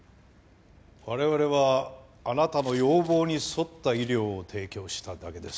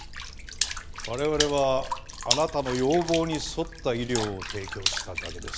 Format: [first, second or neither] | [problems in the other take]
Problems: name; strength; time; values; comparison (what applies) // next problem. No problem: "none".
first | background sound (Water / Splash, splatter); 5 dB below the speech